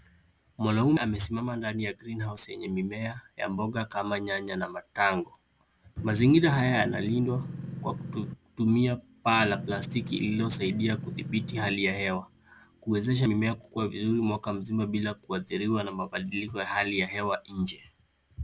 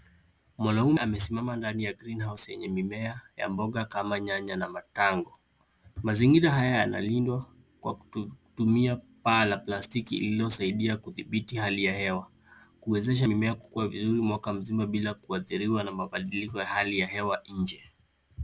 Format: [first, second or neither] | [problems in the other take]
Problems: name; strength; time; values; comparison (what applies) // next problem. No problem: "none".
second | background sound (Engine); 8 dB below the speech